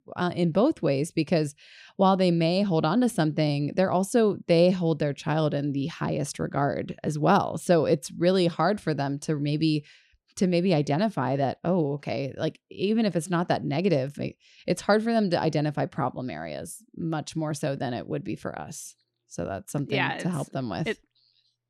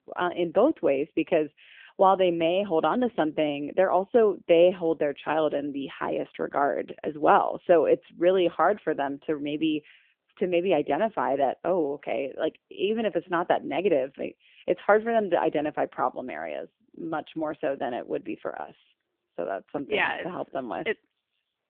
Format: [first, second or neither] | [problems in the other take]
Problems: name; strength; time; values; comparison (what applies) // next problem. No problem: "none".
first | phone-call audio; nothing above 3.5 kHz